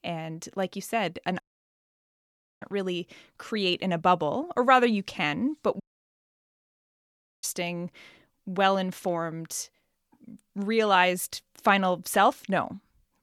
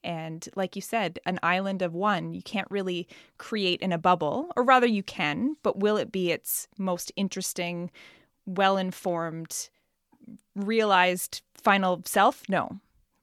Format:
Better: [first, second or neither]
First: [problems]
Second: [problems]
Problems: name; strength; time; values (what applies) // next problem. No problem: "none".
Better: second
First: audio cutting out; at 1.5 s for 1 s and at 6 s for 1.5 s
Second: none